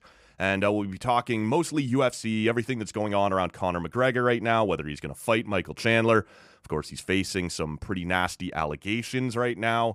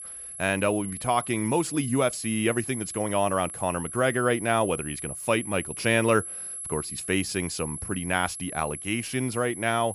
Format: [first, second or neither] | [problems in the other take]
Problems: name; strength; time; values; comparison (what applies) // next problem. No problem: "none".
first | high-pitched whine; loud; throughout; 11 kHz, 8 dB below the speech